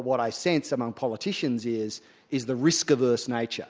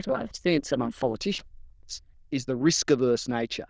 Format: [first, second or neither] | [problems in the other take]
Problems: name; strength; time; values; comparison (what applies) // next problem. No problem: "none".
first | noise reduction (neural diffusion model UNIVERSE++)